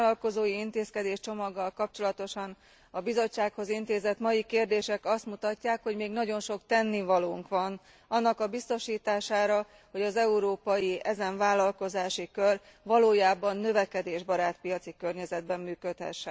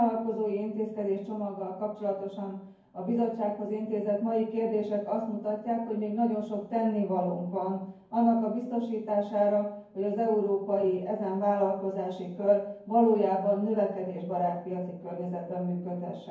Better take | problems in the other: first | room echo; dies away in 0.9 s

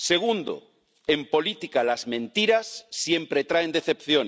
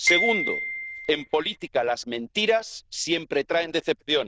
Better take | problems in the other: first | noise reduction (neural diffusion model UNIVERSE++)

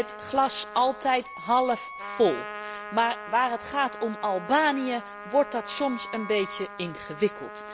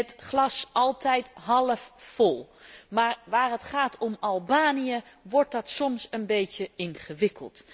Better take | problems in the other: second | background sound (Trumpet + Wind instrument, woodwind instrument); 12 dB below the speech

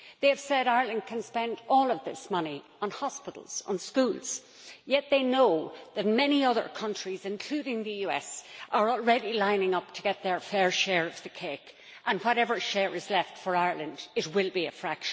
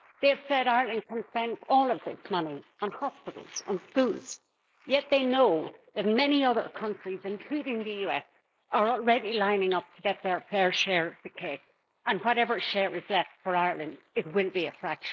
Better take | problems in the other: first | noise reduction (neural mask model Resemble Enhance denoiser)

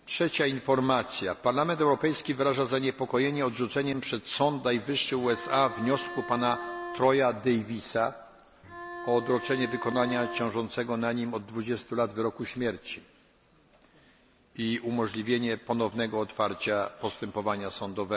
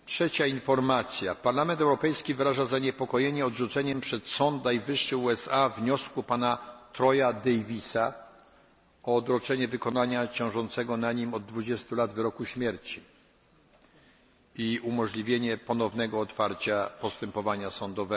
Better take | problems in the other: second | background sound (Bowed string instrument); 11 dB below the speech

